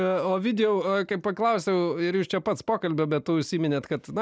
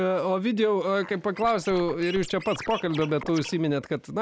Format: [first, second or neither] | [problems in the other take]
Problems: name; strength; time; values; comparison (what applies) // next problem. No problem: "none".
first | background sound (Scratching (performance technique)); 15 dB below the speech